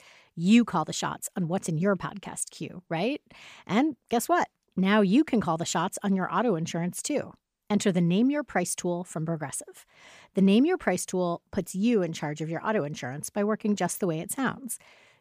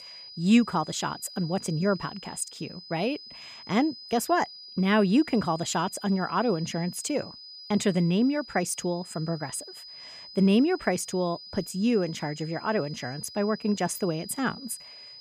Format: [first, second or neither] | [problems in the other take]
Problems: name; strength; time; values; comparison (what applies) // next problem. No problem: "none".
first | high-pitched whine; noticeable; throughout; 5 kHz, 15 dB below the speech